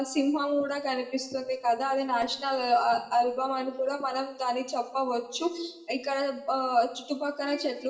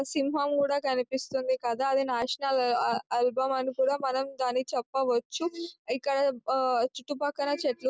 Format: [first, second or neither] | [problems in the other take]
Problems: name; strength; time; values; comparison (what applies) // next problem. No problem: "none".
second | room echo; dies away in 0.8 s